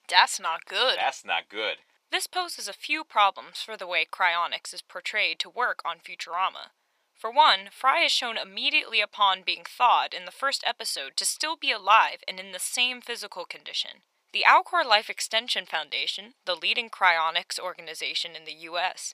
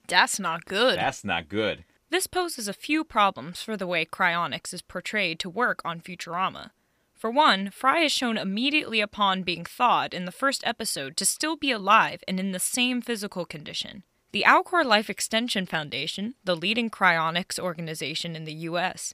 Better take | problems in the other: second | thin; very; fading below 600 Hz

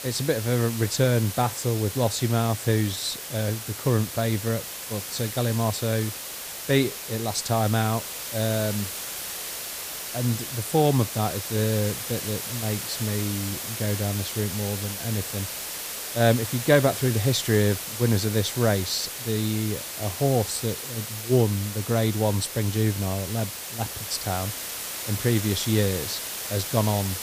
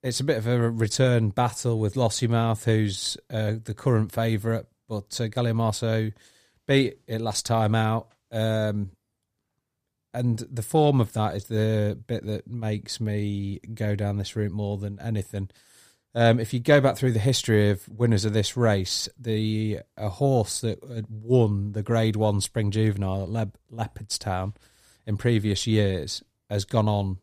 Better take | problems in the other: second | hiss; loud; throughout; 6 dB below the speech

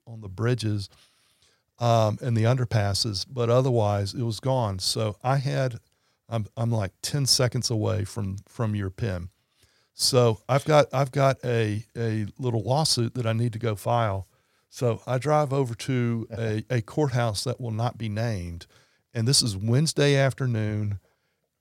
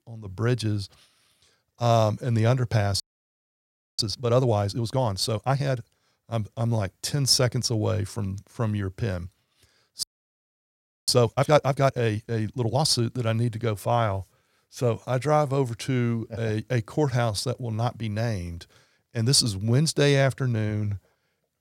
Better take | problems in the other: first | audio freezing; at 3 s for 1 s and at 10 s for 1 s

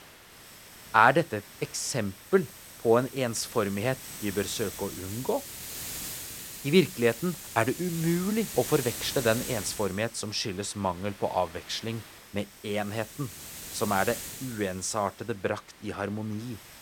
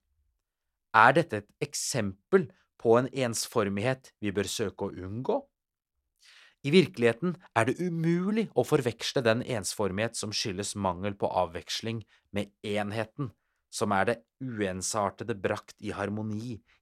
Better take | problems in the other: second | hiss; noticeable; throughout; 10 dB below the speech

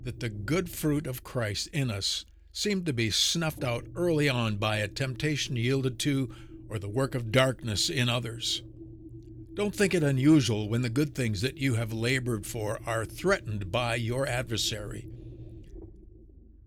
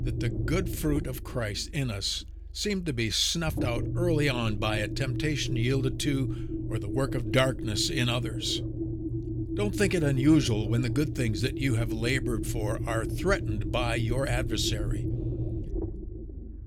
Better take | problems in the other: first | low rumble; loud; throughout; 9 dB below the speech; faint in the first

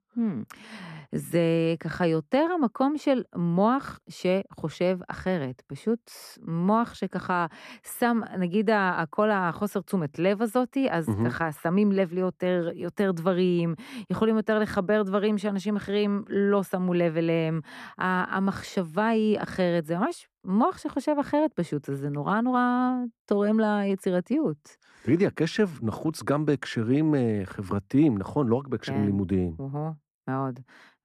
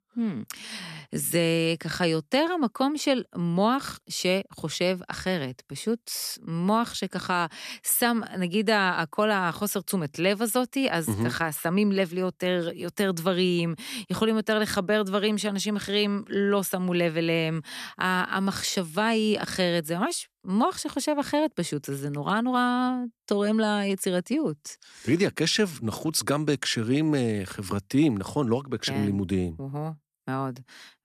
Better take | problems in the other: second | muffled; slightly; fading above 2.5 kHz

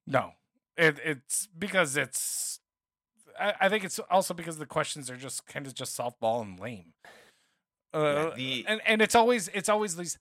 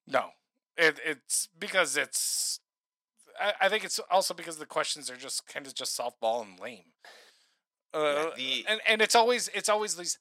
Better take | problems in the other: first | thin; somewhat; fading below 350 Hz

